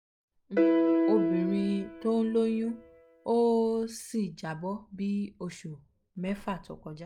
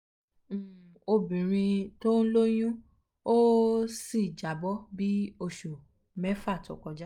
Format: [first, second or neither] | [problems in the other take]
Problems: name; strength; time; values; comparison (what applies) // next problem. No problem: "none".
second | background sound (Piano); 1 dB above the speech